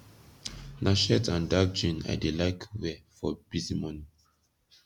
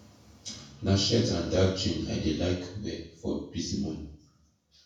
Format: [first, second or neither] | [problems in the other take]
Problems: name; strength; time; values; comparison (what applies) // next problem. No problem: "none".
first | room echo; dies away in 0.6 s